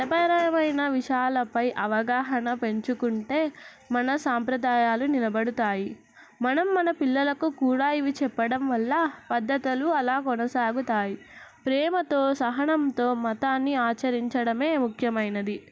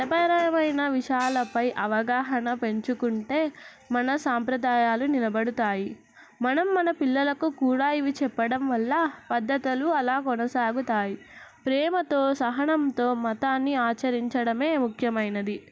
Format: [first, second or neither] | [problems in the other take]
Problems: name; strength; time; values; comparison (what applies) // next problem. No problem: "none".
first | background sound (Gong); 19 dB below the speech